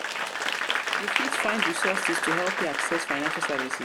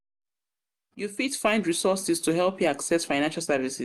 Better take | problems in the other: second | background sound (Applause / Crowd); 5 dB above the speech

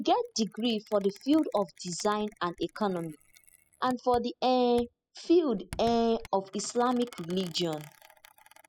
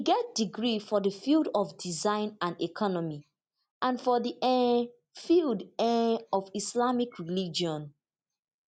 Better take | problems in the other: second | noise reduction (classical method spectral subtraction)

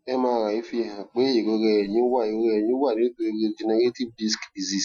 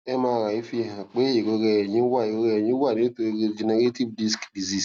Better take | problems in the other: second | noise reduction (classical method Wiener filter)

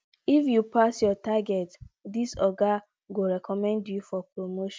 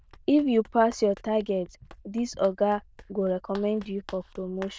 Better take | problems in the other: first | noise reduction (neural diffusion model UNIVERSE++)

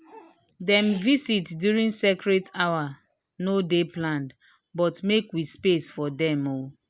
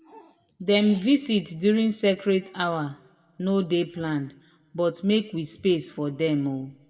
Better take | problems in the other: first | room echo; dies away in 0.7 s

